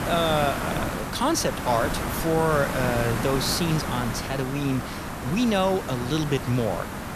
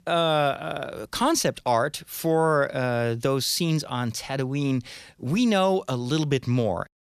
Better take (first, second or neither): second